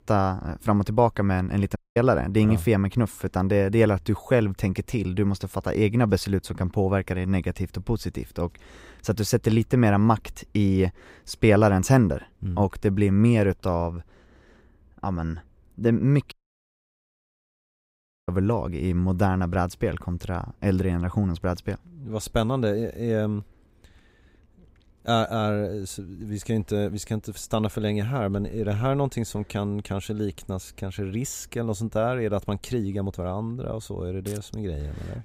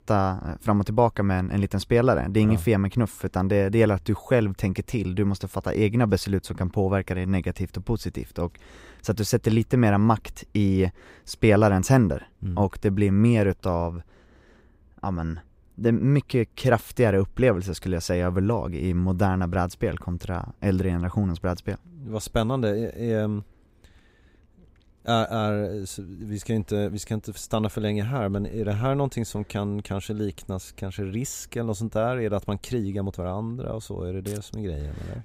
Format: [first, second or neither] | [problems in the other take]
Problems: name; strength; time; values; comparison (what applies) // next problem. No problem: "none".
second | audio cutting out; at 2 s and at 16 s for 2 s